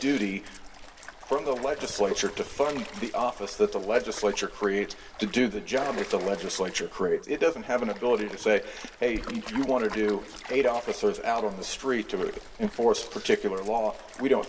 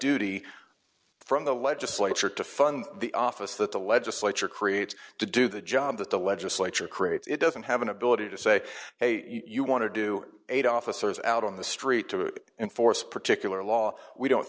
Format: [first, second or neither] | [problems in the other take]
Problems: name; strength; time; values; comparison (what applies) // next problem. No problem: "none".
second | background sound (Stream); 15 dB below the speech // room echo; dies away in 1.3 s